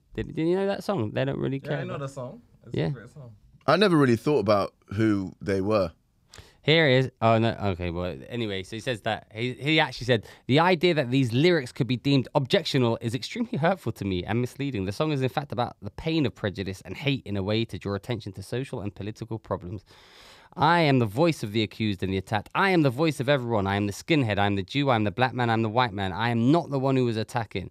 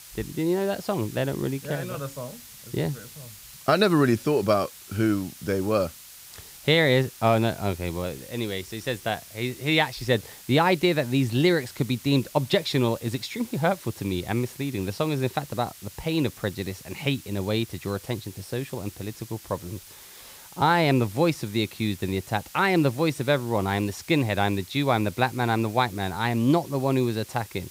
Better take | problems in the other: first | hiss; noticeable; throughout; 20 dB below the speech

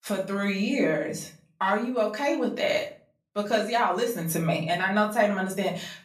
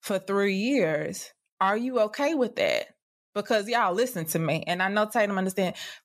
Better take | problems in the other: second | room echo; slight; dies away in 0.3 s // off-mic speech; far

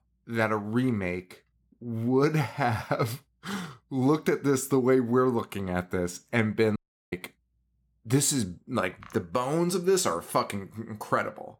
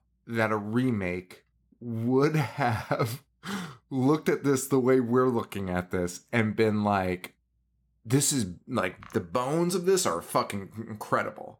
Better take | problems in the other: second | audio cutting out; at 7 s

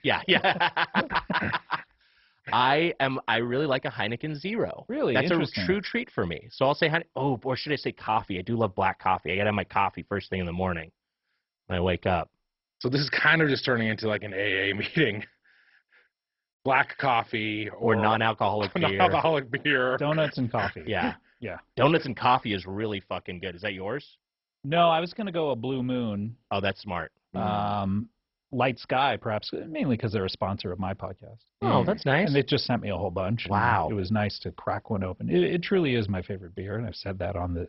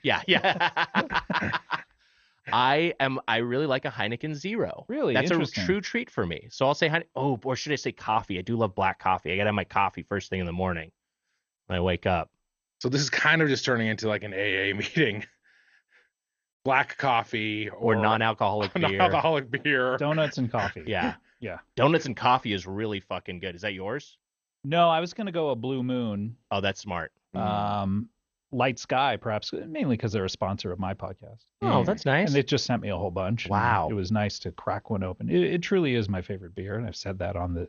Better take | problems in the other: second | garbled, watery; badly; nothing above 5.5 kHz; slightly in the second

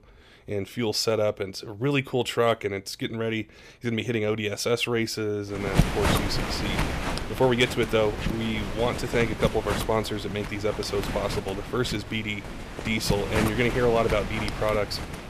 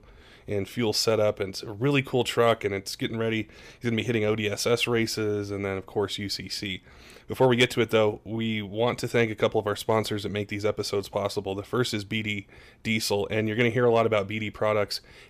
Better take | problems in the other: second | wind noise on the microphone; heavy; from 5.5 s on; 5 dB below the speech

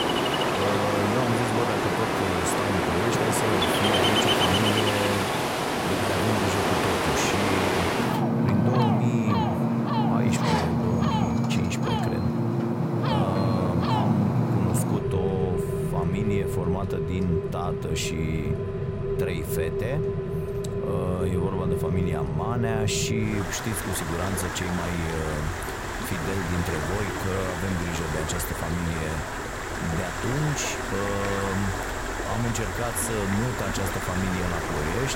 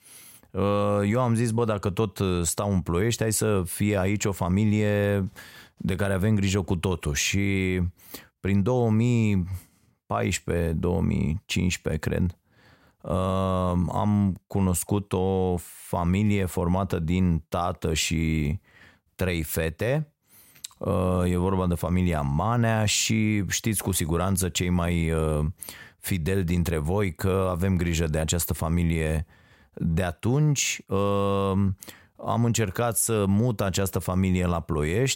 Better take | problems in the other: second | rain or running water; very loud; throughout; 3 dB above the speech

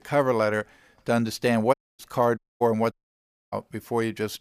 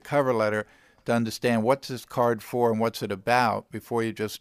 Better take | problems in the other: second | audio cutting out; at 1.5 s, at 2.5 s and at 3 s for 0.5 s

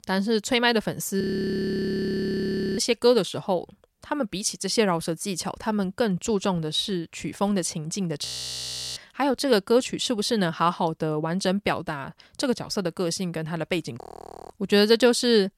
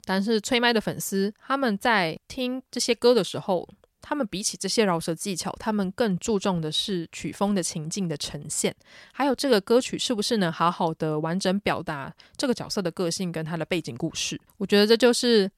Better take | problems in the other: second | audio freezing; at 1 s for 1.5 s, at 8.5 s for 0.5 s and at 14 s

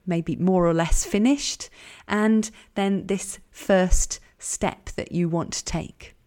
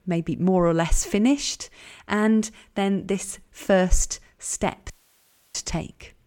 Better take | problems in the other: first | audio cutting out; at 5 s for 0.5 s

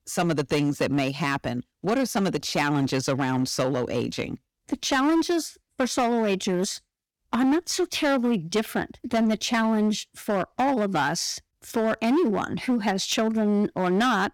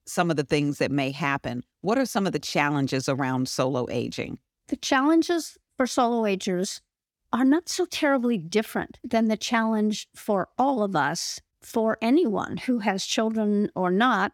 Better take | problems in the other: second | distortion; slight; 11% of the sound clipped

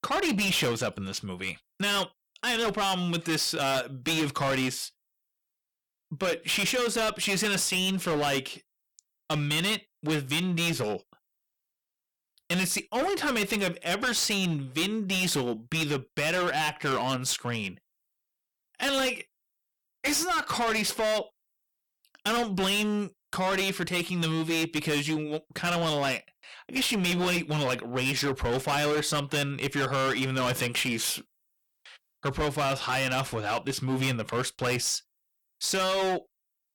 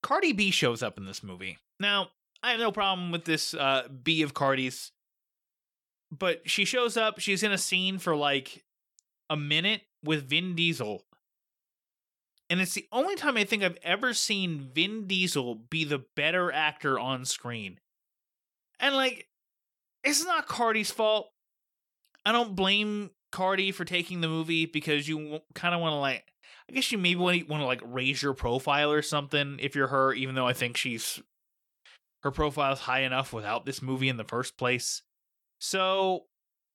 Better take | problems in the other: second | distortion; heavy; 18% of the sound clipped

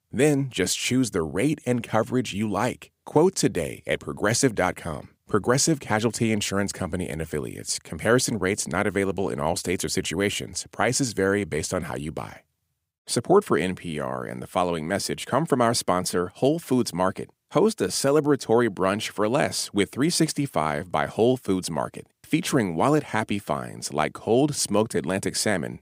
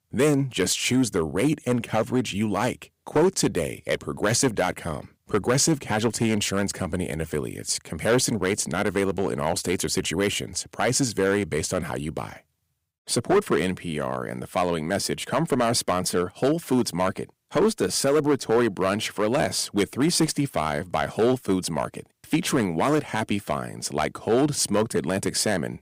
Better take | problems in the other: first | distortion; slight; 3% of the sound clipped

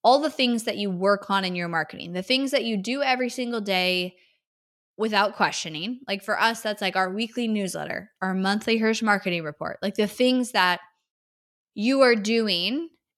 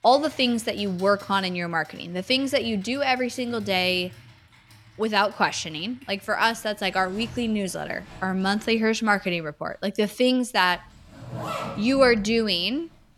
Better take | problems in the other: first | household noises; noticeable; throughout; 20 dB below the speech

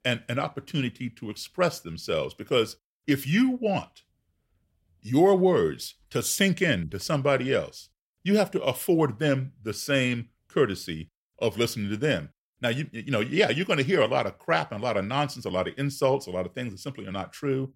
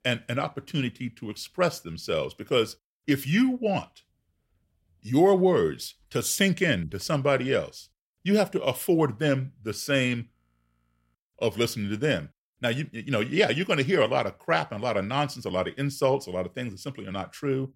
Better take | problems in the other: first | audio freezing; at 10 s for 1 s

